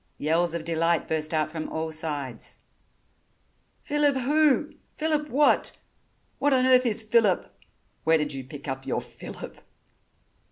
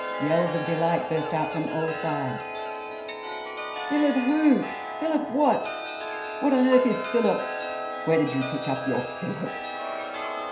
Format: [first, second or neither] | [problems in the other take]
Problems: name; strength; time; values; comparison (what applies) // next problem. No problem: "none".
first | background sound (Chime); 6 dB below the speech // room echo; dies away in 0.5 s